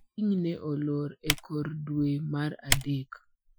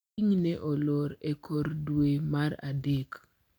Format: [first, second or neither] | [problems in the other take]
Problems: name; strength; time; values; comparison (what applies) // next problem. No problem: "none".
second | noise reduction (classical method Wiener filter)